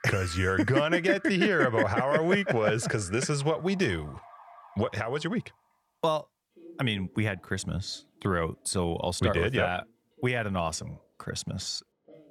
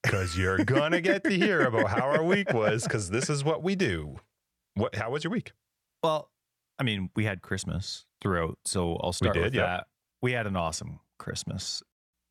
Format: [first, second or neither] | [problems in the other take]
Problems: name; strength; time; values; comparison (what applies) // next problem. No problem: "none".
second | alarms or sirens; faint; throughout; 25 dB below the speech